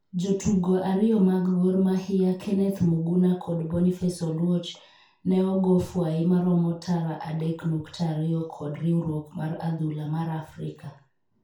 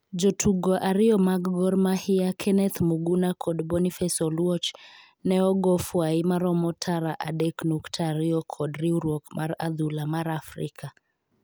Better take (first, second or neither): second